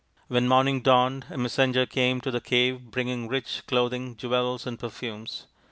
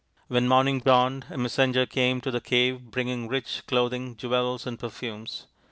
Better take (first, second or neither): first